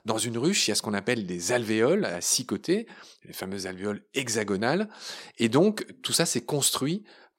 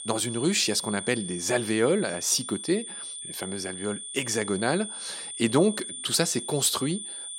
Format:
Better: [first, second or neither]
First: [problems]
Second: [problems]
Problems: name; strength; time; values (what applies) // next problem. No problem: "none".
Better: first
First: none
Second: high-pitched whine; loud; throughout; 9 kHz, 8 dB below the speech